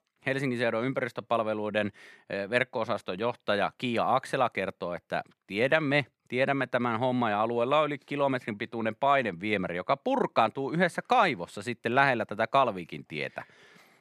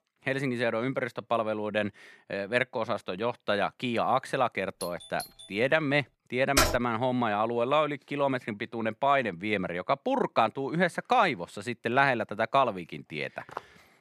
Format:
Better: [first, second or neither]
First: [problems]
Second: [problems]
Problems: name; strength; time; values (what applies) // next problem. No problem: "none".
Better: first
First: none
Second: doorbell; faint; at 5 s; peak 15 dB below the speech // keyboard typing; loud; at 6.5 s; peak 3 dB above the speech // footsteps; faint; at 13 s; peak 15 dB below the speech